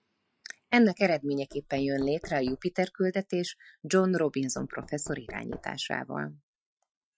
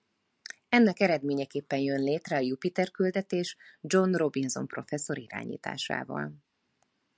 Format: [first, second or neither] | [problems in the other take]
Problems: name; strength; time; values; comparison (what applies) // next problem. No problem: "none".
second | noise reduction (classical method Wiener filter)